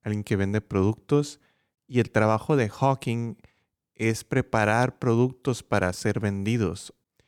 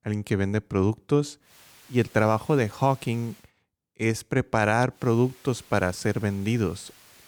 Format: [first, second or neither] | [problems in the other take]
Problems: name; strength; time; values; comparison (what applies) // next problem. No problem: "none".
first | hiss; faint; from 1.5 to 3.5 s and from 5 s on; 25 dB below the speech